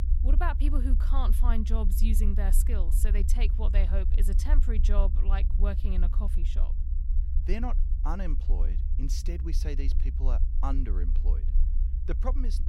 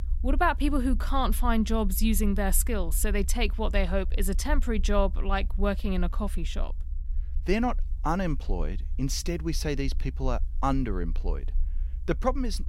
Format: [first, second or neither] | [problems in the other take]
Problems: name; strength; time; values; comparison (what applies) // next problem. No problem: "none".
second | low rumble; loud; throughout; 10 dB below the speech; faint in the second